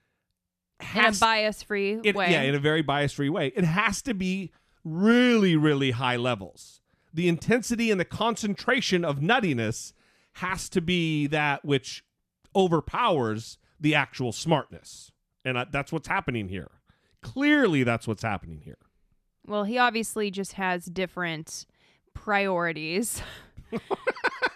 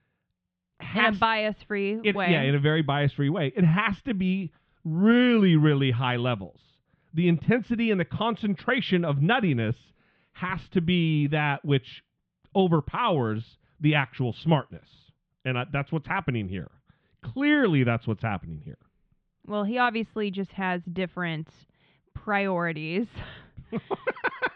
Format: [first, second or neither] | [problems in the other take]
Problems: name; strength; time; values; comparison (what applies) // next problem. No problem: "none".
first | muffled; very; fading above 3.5 kHz